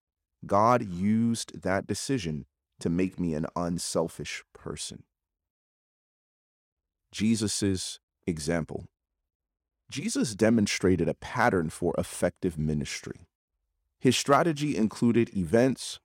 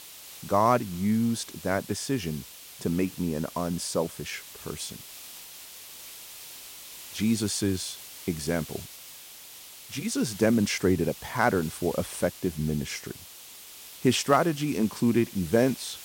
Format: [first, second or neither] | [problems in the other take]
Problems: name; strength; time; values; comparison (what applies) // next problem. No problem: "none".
first | hiss; noticeable; throughout; 15 dB below the speech